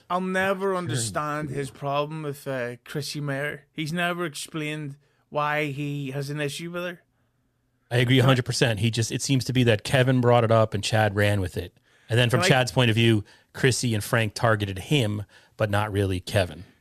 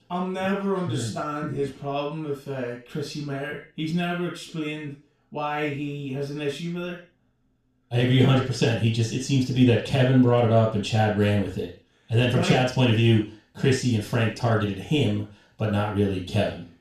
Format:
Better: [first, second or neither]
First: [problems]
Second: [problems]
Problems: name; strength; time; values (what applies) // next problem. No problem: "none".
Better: first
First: none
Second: room echo; noticeable; dies away in 0.4 s // off-mic speech; far